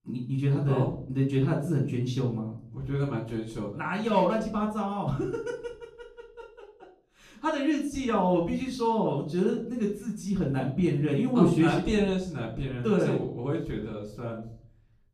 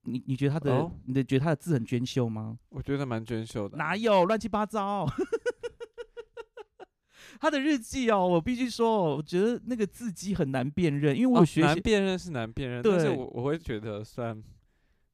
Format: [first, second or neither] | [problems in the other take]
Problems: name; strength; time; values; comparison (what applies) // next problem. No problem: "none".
second | off-mic speech; far // room echo; slight; dies away in 0.5 s